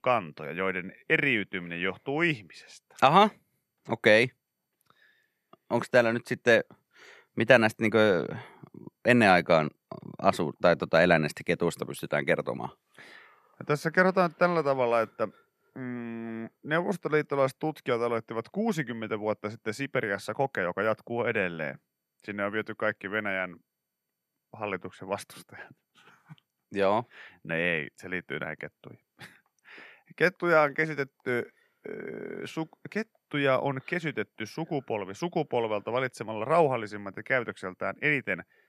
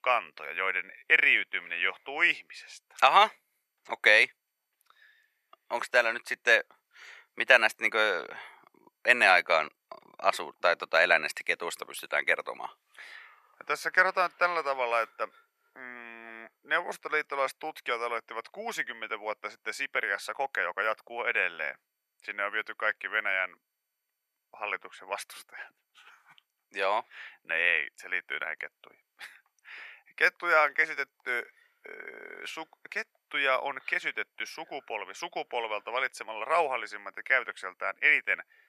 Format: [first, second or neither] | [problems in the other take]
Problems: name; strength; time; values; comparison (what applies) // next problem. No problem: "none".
first | thin; very; fading below 800 Hz